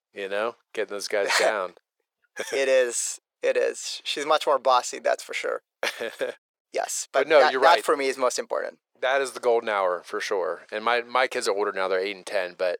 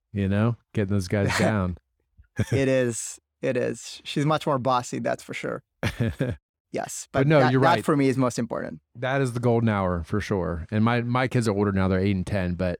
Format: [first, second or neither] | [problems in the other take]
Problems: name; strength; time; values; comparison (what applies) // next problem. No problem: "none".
second | thin; very; fading below 450 Hz